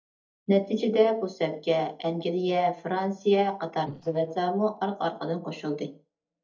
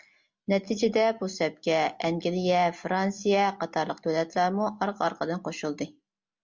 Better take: second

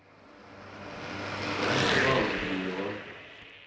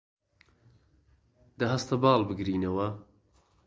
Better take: second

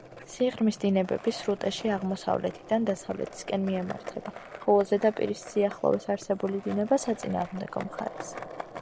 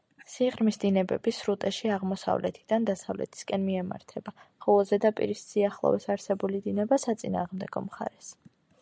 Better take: second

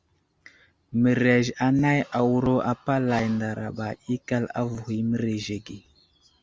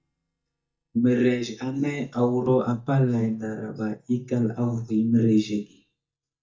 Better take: first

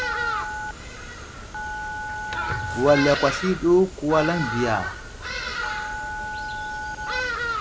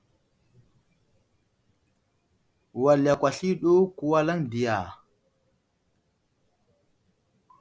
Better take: second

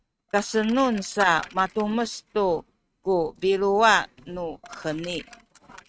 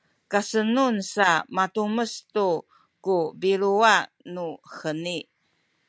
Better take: second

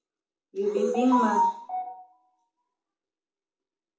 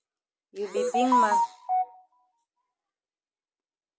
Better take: second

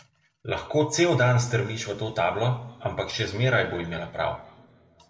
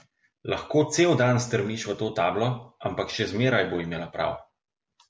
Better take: second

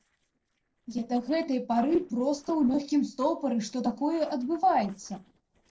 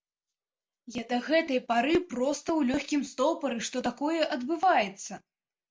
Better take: second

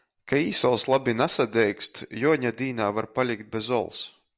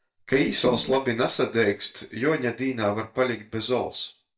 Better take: first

